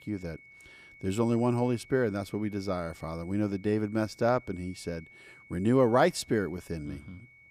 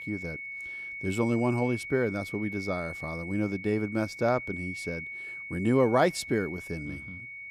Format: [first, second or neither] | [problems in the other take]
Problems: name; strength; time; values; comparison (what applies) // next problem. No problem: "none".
first | high-pitched whine; loud; throughout; 2 kHz, 9 dB below the speech; faint in the first